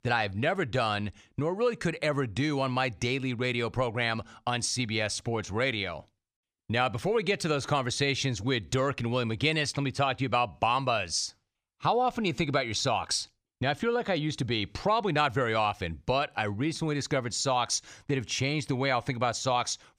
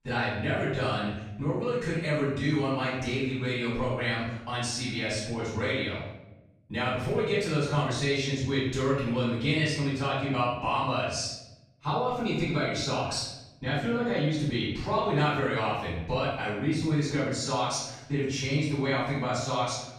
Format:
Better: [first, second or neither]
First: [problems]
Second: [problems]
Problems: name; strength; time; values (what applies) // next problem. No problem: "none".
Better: first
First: none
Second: room echo; noticeable; dies away in 0.8 s // off-mic speech; far